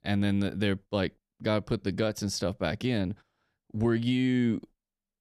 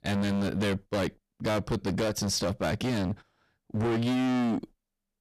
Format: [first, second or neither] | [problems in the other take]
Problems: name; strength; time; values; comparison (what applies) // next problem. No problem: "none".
first | distortion; heavy; 24% of the sound clipped